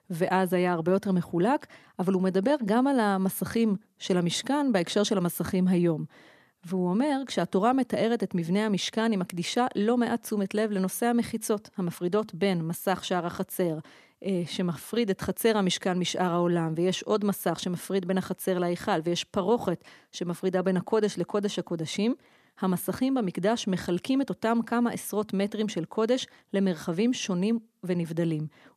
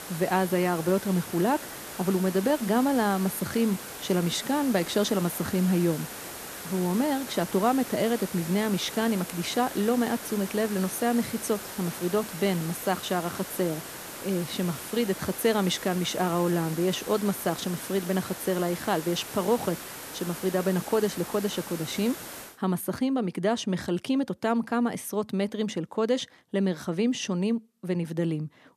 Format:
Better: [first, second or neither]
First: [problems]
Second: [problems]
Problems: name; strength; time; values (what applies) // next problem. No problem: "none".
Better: first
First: none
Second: hiss; loud; until 22 s; 10 dB below the speech